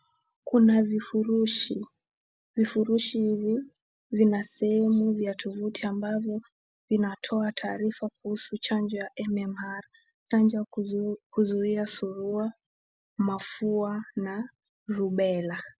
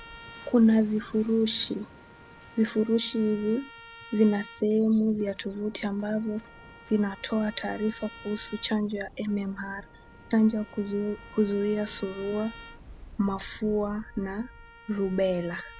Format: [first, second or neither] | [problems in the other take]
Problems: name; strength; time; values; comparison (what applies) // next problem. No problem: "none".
first | background sound (Trumpet + Waves, surf); 19 dB below the speech